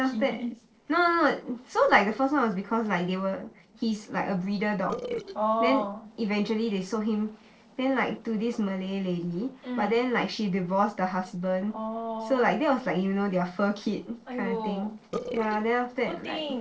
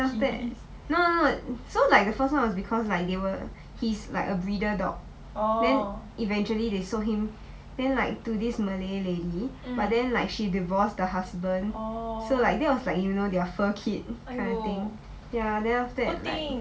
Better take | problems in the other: second | noise reduction (neural separator model SepFormer DNS4)

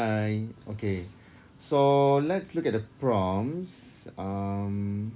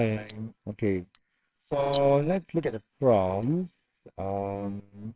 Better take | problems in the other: first | noise reduction (neural separator model SepFormer WHAMR!)

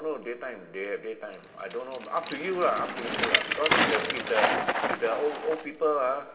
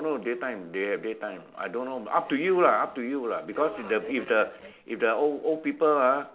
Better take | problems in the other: second | background sound (Bicycle); as loud as the speech // room echo; dies away in 1.7 s

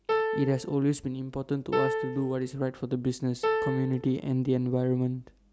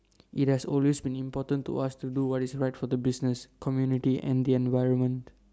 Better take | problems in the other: second | background sound (Piano); 3 dB below the speech

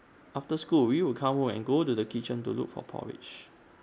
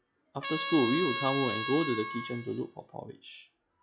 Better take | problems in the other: first | noise reduction (classical method log-MMSE)

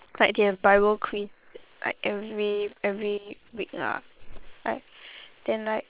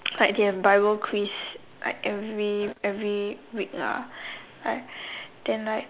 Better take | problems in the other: second | noise reduction (neural separator model SepFormer WHAM!)

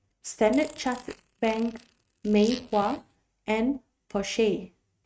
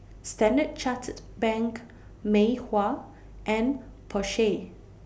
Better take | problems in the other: second | noise reduction (neural mask model RNNoise)

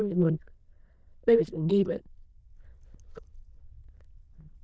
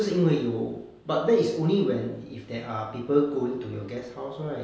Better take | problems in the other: second | noise reduction (neural diffusion model UNIVERSE++)

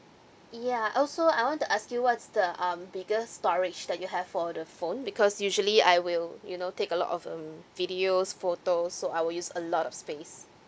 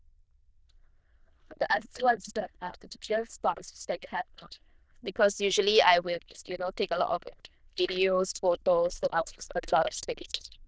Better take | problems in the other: first | noise reduction (neural diffusion model UNIVERSE++)

